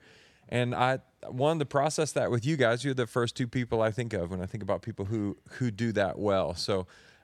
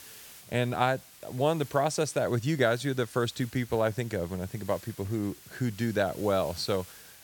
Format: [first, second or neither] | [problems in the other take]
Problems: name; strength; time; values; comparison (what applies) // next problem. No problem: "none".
first | hiss; noticeable; throughout; 20 dB below the speech